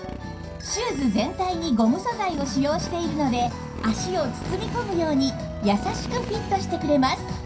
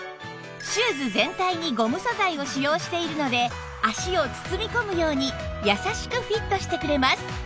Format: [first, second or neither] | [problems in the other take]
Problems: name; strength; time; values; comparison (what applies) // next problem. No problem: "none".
second | background sound (Motorcycle); 11 dB below the speech // room echo; dies away in 0.3 s